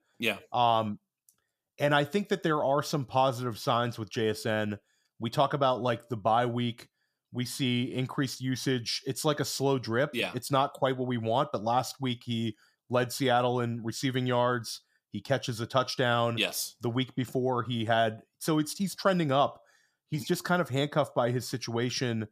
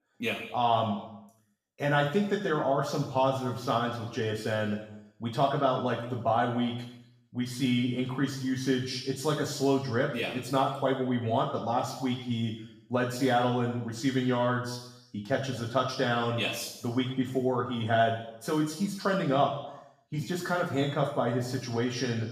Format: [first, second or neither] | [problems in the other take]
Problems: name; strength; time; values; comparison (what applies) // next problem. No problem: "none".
first | room echo; noticeable; dies away in 0.8 s // off-mic speech; far